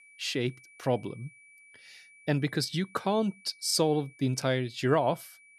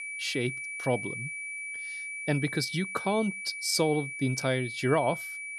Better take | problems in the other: first | high-pitched whine; loud; throughout; 2.5 kHz, 6 dB below the speech; faint in the first

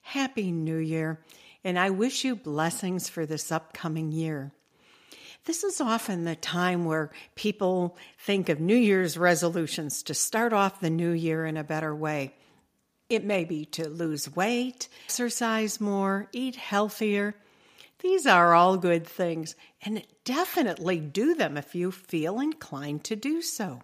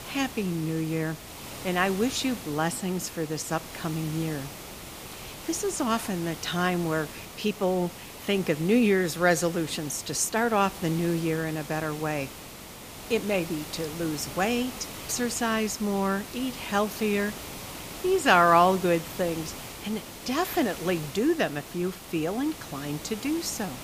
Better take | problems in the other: first | hiss; noticeable; throughout; 10 dB below the speech

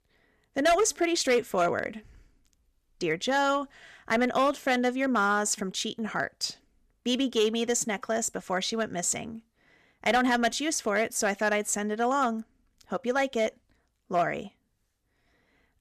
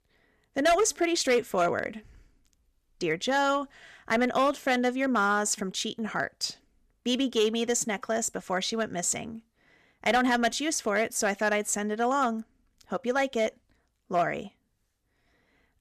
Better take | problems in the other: neither | distortion; slight; 2% of the sound clipped; the same in both

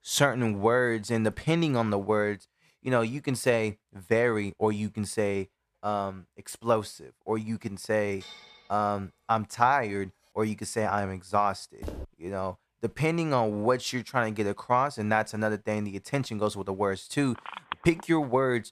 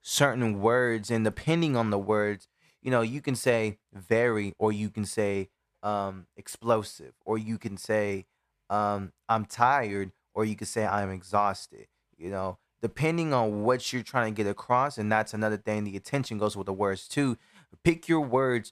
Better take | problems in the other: second | clattering dishes; faint; at 8 s; peak 15 dB below the speech // footsteps; faint; at 12 s; peak 10 dB below the speech // phone ringing; faint; at 17 s; peak 10 dB below the speech

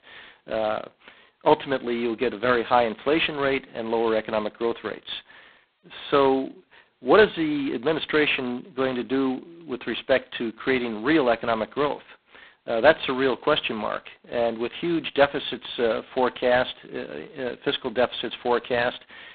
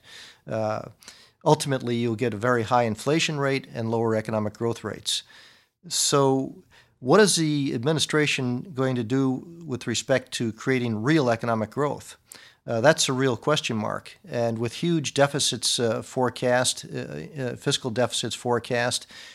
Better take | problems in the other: second | phone-call audio; poor line; nothing above 4 kHz

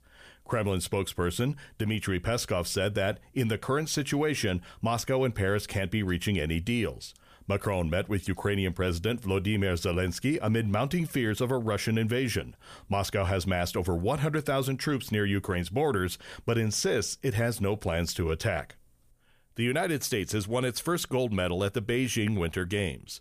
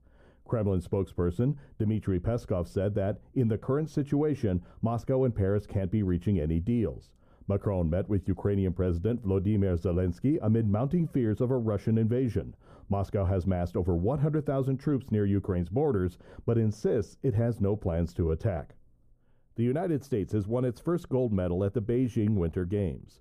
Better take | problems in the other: first | muffled; very; fading above 1 kHz

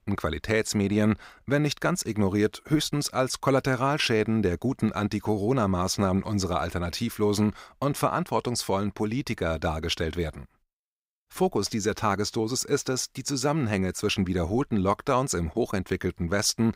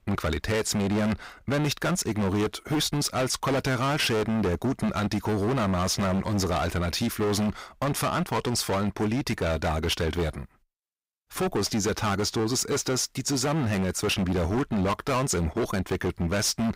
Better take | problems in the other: first | distortion; heavy; 25% of the sound clipped

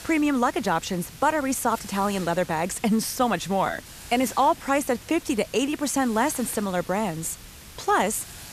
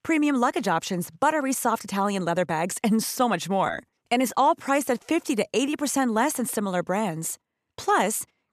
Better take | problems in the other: second | hiss; noticeable; throughout; 15 dB below the speech

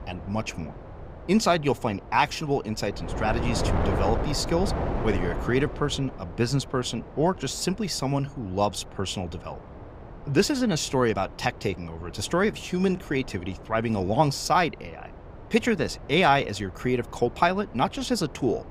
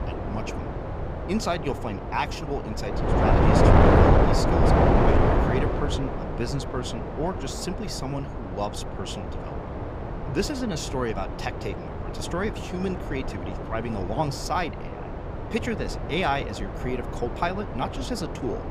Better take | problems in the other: first | wind noise on the microphone; heavy; 2 dB above the speech; occasional gusts in the first

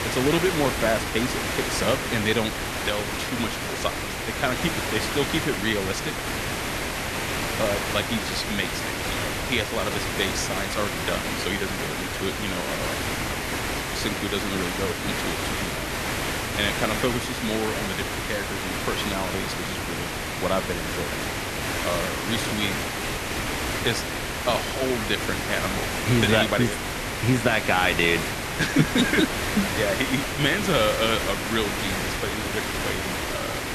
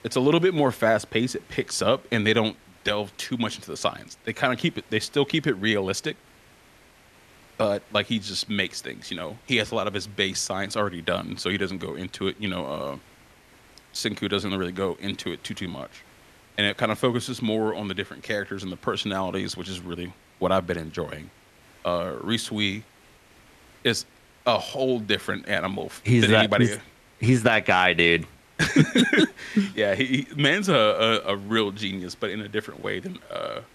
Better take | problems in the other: second | hiss; loud; throughout; as loud as the speech; faint in the second

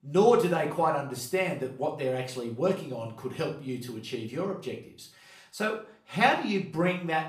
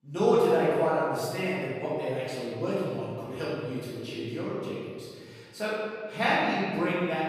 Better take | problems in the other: first | room echo; strong; dies away in 1.9 s; slight in the first // off-mic speech; far; far in the first

